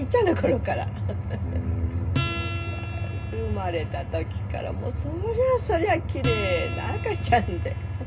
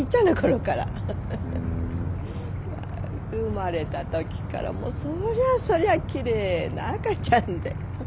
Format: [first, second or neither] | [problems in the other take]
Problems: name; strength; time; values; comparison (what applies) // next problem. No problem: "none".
second | background sound (Acoustic guitar); 12 dB below the speech // room echo; dies away in 0.2 s